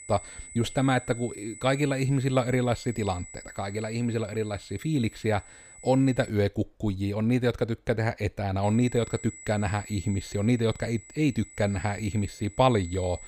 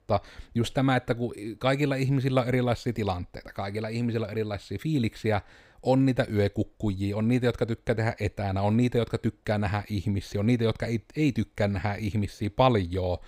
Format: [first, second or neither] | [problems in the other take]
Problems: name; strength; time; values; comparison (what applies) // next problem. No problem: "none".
second | high-pitched whine; noticeable; until 6.5 s and from 8.5 s on; 8 kHz, 15 dB below the speech